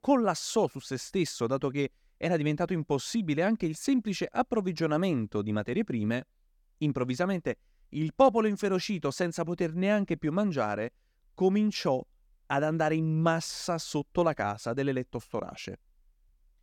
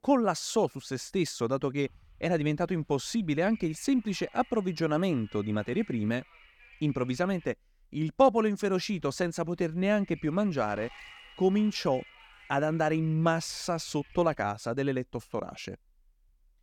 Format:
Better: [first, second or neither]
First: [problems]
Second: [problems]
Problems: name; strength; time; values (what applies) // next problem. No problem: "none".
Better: first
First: none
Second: wind noise on the microphone; occasional gusts; from 2 to 7.5 s and from 9 to 14 s; 20 dB below the speech